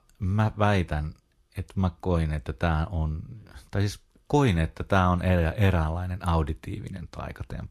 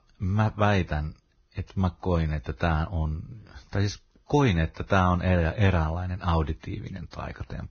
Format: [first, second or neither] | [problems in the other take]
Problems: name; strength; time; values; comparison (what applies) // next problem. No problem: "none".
first | garbled, watery; badly; nothing above 6.5 kHz; slightly in the first